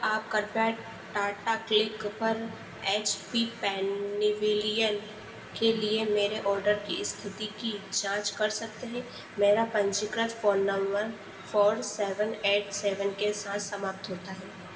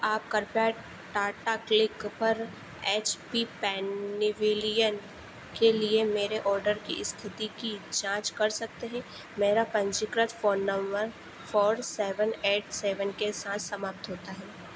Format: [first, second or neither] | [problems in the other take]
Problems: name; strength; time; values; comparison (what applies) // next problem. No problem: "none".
second | room echo; dies away in 1.5 s